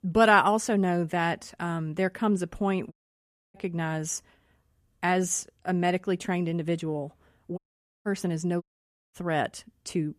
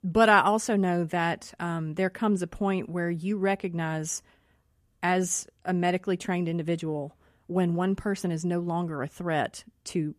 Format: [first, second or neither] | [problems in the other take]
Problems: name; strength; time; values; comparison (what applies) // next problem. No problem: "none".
second | audio cutting out; at 3 s for 0.5 s, at 7.5 s and at 8.5 s for 0.5 s